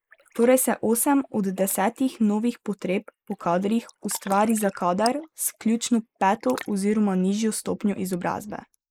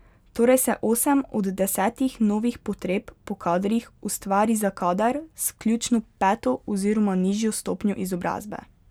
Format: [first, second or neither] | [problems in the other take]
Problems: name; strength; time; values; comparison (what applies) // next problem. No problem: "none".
second | noise reduction (neural mask model Resemble Enhance denoiser)